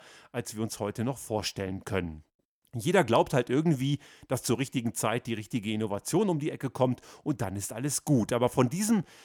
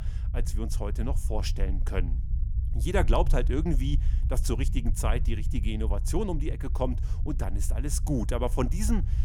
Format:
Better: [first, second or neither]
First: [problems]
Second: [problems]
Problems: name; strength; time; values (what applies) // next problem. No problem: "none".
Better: first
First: none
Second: low rumble; noticeable; throughout; 15 dB below the speech